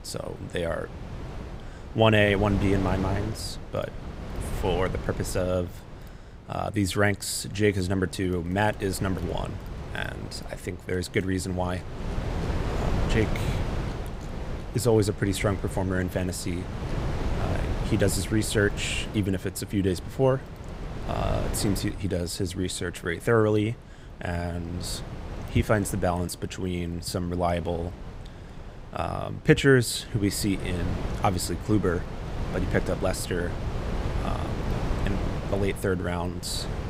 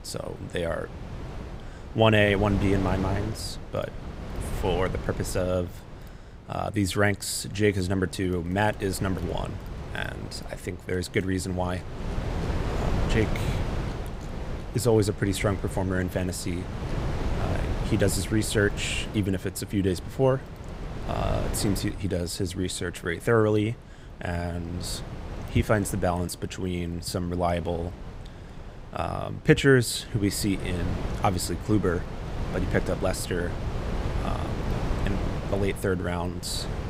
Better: neither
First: wind noise on the microphone; occasional gusts; 10 dB below the speech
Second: wind noise on the microphone; occasional gusts; 10 dB below the speech

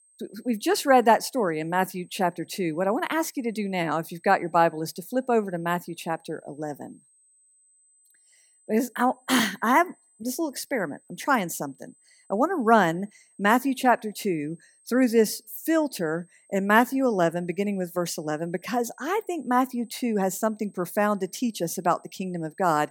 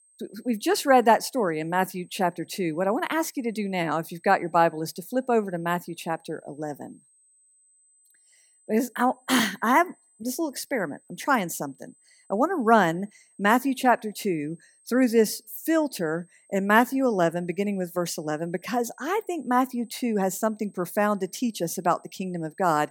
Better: neither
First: high-pitched whine; faint; throughout; 8 kHz, 35 dB below the speech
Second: high-pitched whine; faint; throughout; 8 kHz, 35 dB below the speech

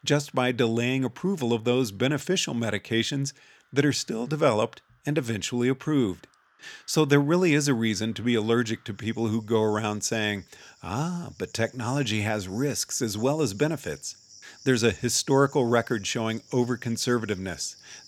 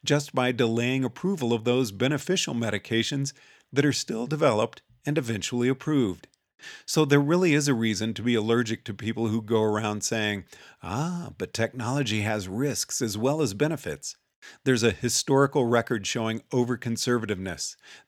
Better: second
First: animal sounds; faint; throughout; 25 dB below the speech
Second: none

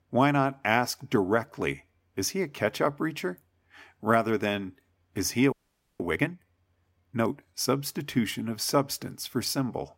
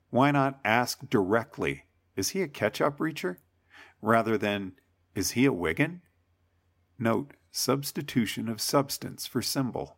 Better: second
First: audio freezing; at 5.5 s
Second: none

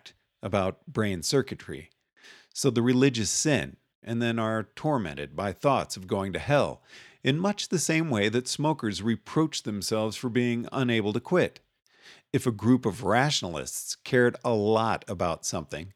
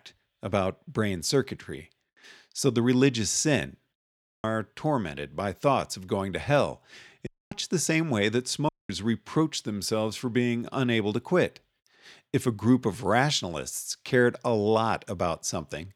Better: first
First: none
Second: audio cutting out; at 4 s, at 7.5 s and at 8.5 s

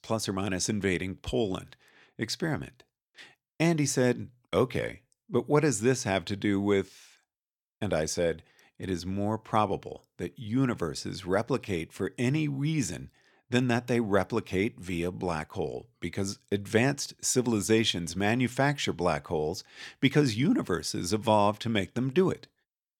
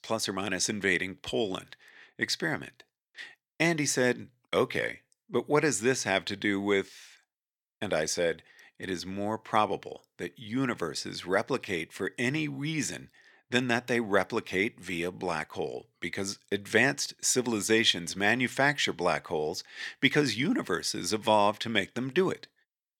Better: first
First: none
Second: thin; very slightly; fading below 300 Hz

